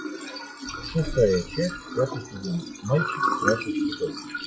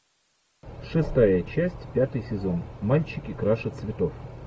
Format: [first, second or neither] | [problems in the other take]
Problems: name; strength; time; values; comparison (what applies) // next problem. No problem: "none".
second | noise reduction (classical method log-MMSE)